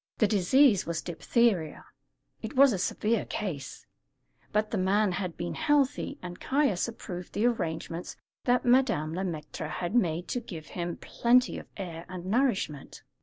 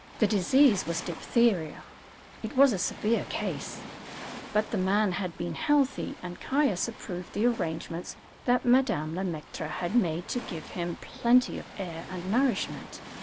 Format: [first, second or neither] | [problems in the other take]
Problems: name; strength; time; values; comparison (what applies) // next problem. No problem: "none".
first | background sound (Waves, surf); 16 dB below the speech